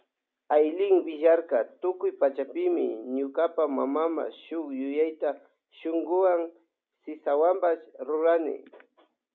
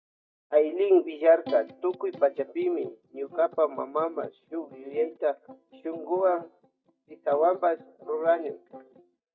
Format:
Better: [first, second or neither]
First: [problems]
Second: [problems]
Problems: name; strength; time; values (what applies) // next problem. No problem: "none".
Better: first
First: none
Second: noise reduction (neural mask model DeepFilterNet 3)